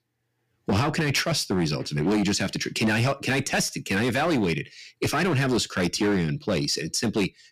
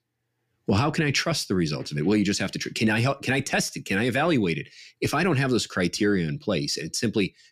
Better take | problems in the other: second | distortion; slight; 11% of the sound clipped

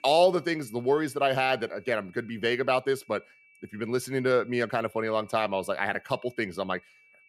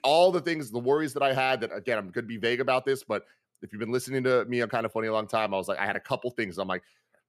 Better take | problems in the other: second | high-pitched whine; faint; throughout; 2.5 kHz, 30 dB below the speech

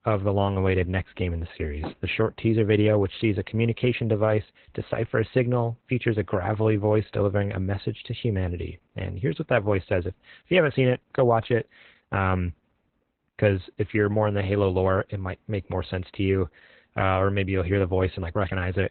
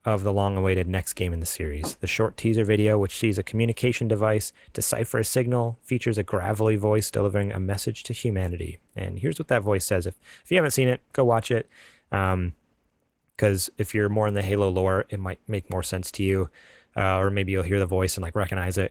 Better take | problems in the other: second | garbled, watery; badly; nothing above 4 kHz; slightly in the second

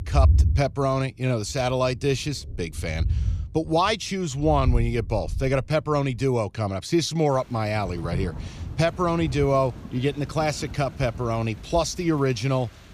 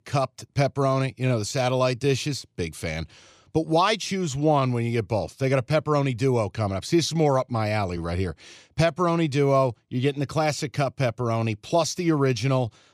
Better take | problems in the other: second | rain or running water; loud; throughout; 4 dB below the speech

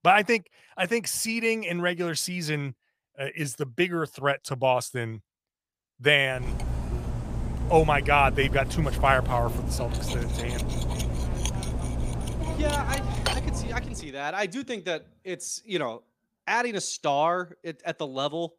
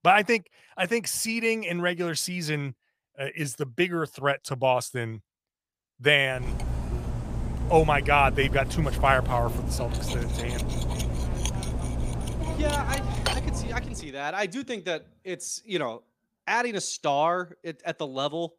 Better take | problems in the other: neither | clattering dishes; noticeable; from 6.5 to 14 s; peak 1 dB below the speech; the same in both

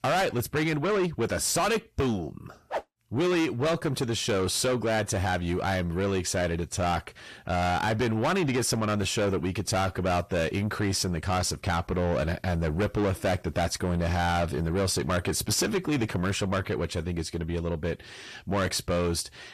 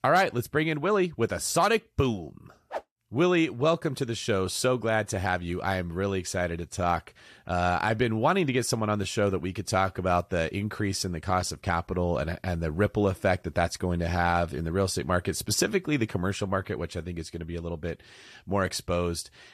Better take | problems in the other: second | distortion; heavy; 7 dB below the speech

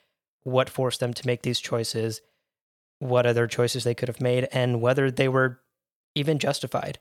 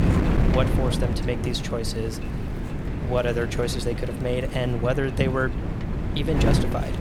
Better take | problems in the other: first | wind noise on the microphone; heavy; 5 dB below the speech

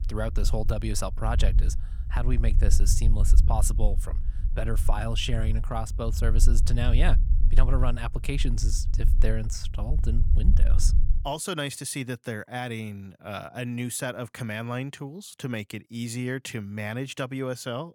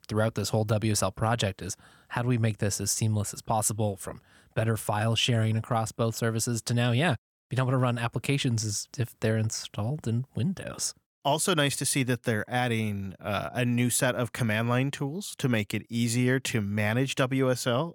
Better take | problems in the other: second | low rumble; noticeable; until 11 s; 15 dB below the speech

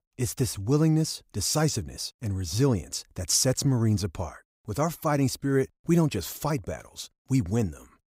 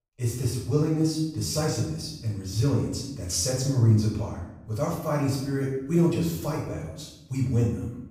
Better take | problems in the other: first | off-mic speech; far // room echo; noticeable; dies away in 0.8 s

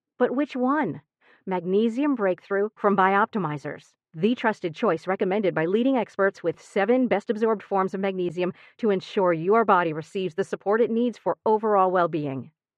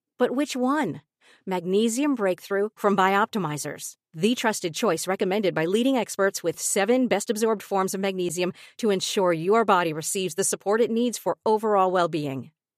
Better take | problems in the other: second | muffled; very; fading above 2 kHz

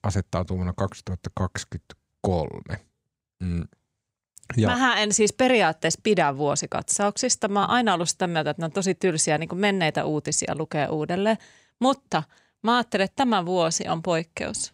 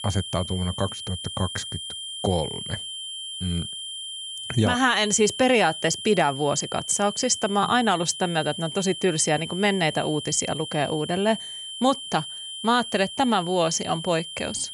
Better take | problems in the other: first | high-pitched whine; loud; throughout; 3 kHz, 9 dB below the speech

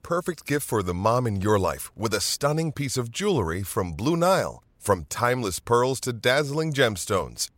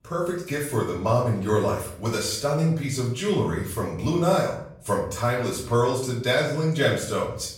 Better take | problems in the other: first | off-mic speech; far // room echo; noticeable; dies away in 0.5 s

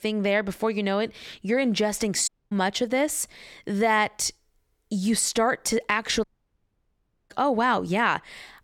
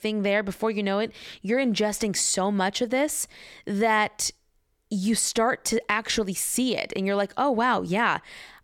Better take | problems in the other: second | audio cutting out; at 2.5 s and at 6 s for 1 s

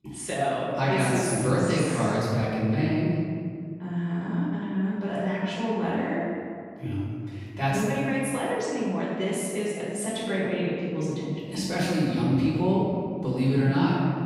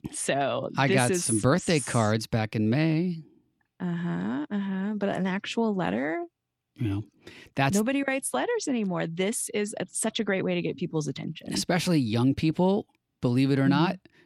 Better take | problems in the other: second | off-mic speech; far // room echo; strong; dies away in 2 s

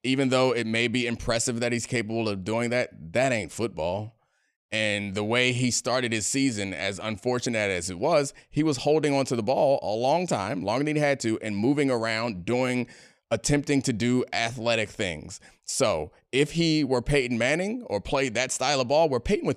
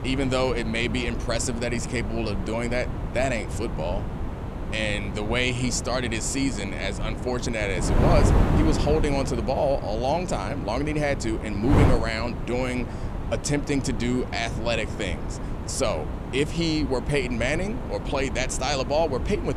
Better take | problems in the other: first | wind noise on the microphone; heavy; 8 dB below the speech

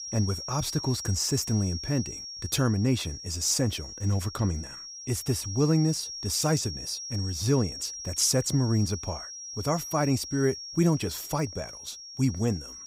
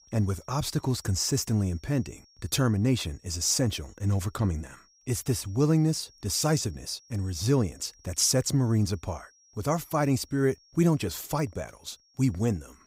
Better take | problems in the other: second | high-pitched whine; loud; throughout; 5.5 kHz, 9 dB below the speech; faint in the second

